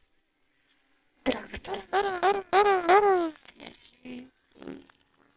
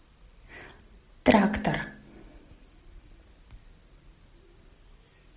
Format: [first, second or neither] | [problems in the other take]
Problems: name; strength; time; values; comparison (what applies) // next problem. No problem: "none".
second | noise reduction (neural separator model SepFormer WHAMR!)